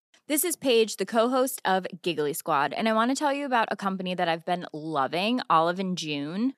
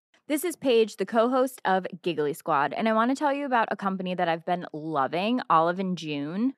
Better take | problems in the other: first | muffled; slightly; fading above 3 kHz

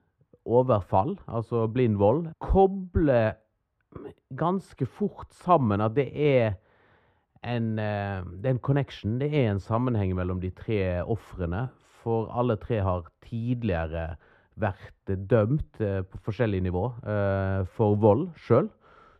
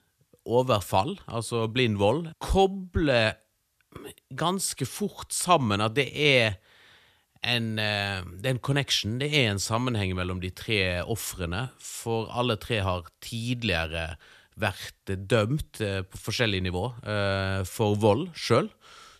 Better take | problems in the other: second | muffled; very; fading above 2.5 kHz

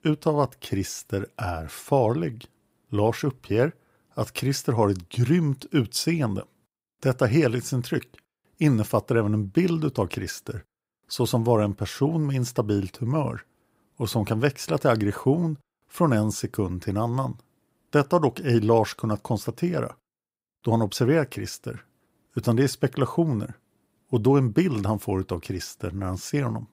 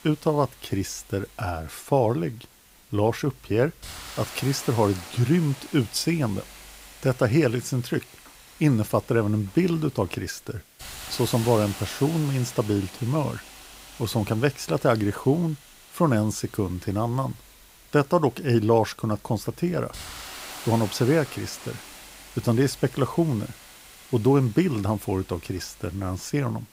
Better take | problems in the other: first | hiss; noticeable; throughout; 15 dB below the speech

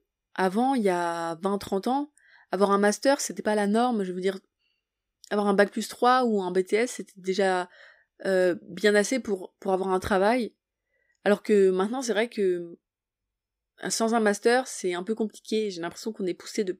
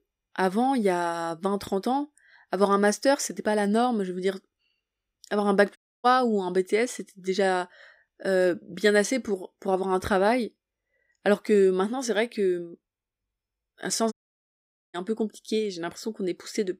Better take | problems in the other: first | audio cutting out; at 6 s and at 14 s for 1 s

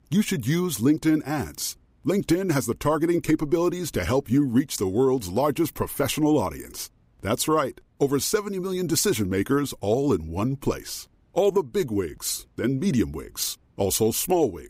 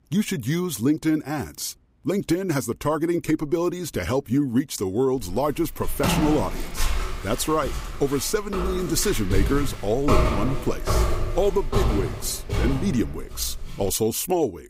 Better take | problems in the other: first | footsteps; loud; from 5 to 14 s; peak 3 dB above the speech

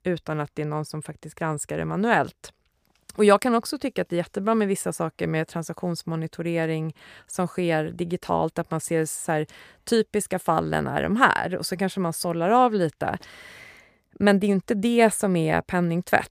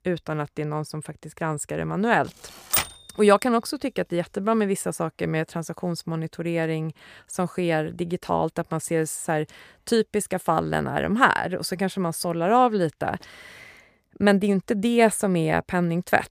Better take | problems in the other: first | keyboard typing; loud; at 2.5 s; peak 1 dB above the speech

